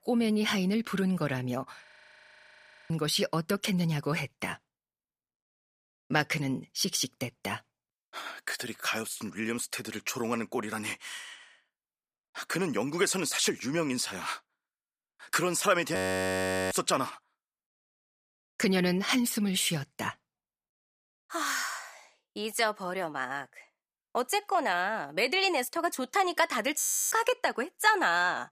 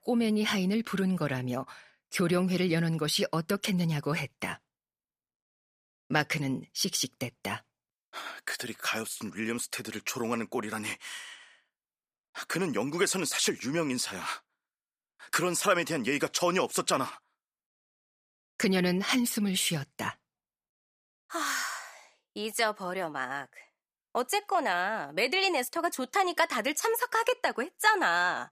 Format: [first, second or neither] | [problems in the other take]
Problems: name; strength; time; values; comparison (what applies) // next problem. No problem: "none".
second | audio freezing; at 2 s for 1 s, at 16 s for 1 s and at 27 s